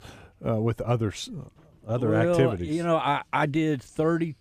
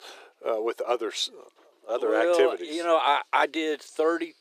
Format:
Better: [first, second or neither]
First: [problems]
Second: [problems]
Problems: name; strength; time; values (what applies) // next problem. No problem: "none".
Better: first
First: none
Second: thin; very; fading below 350 Hz